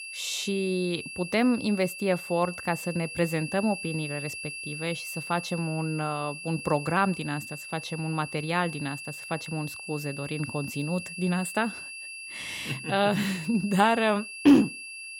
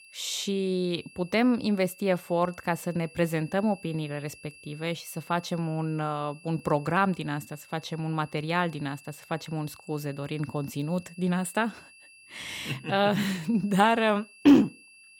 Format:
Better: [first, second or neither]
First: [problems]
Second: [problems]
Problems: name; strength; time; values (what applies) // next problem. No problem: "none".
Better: second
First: high-pitched whine; loud; throughout; 2.5 kHz, 9 dB below the speech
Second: high-pitched whine; faint; throughout; 2.5 kHz, 25 dB below the speech